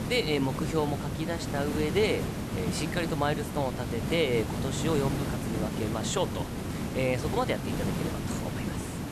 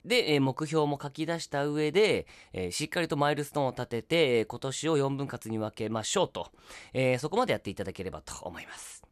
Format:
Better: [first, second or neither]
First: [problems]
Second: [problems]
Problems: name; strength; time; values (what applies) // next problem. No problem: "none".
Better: second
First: hiss; loud; throughout; 2 dB below the speech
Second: none